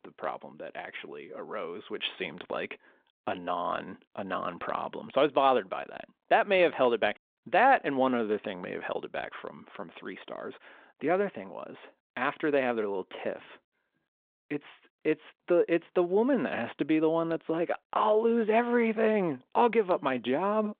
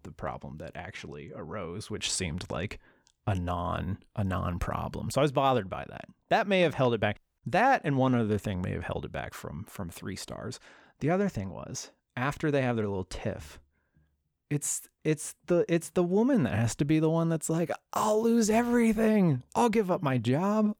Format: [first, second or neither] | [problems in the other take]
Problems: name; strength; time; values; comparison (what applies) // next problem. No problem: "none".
second | phone-call audio